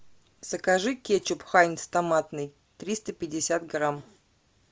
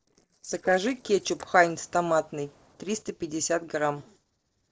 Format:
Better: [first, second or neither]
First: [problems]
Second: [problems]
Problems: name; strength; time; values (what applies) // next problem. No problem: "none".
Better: first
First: none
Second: noise reduction (neural separator model SepFormer DNS4)